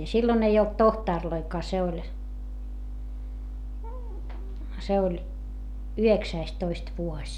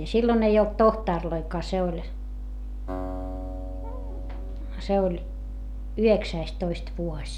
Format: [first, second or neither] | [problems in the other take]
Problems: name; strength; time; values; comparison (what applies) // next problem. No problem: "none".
first | background sound (Acoustic guitar); 18 dB below the speech